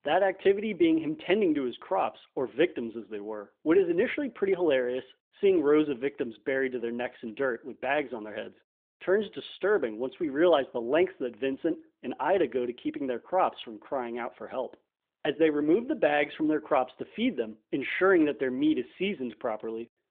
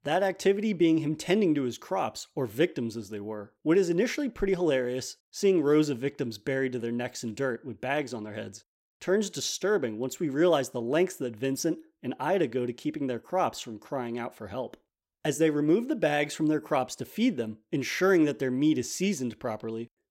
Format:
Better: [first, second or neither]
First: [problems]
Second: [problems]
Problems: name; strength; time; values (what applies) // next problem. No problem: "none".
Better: second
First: phone-call audio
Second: none